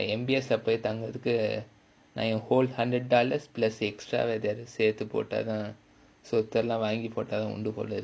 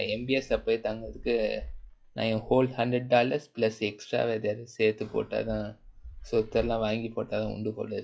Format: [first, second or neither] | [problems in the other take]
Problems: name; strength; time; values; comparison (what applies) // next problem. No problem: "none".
first | noise reduction (classical method log-MMSE)